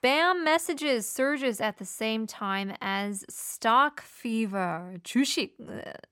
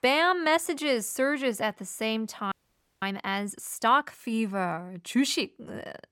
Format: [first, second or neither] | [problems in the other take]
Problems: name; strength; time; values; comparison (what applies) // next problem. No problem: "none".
first | audio freezing; at 2.5 s for 0.5 s